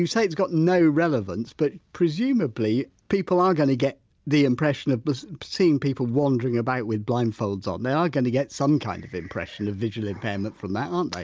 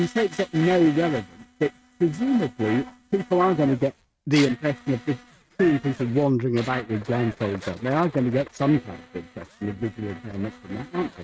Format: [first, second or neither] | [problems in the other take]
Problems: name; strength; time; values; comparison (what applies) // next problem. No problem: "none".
first | noise reduction (neural mask model RNNoise)